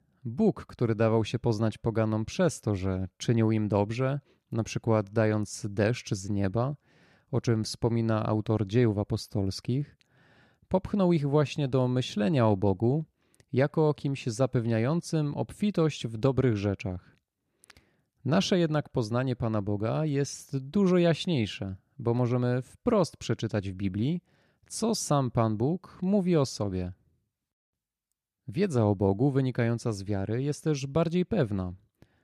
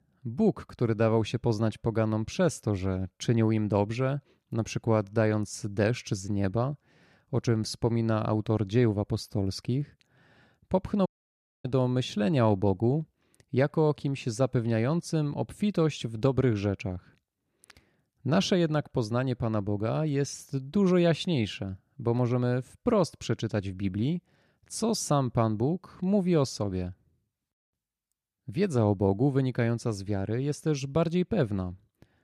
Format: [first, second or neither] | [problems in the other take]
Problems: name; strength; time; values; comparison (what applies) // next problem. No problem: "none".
first | audio cutting out; at 11 s for 0.5 s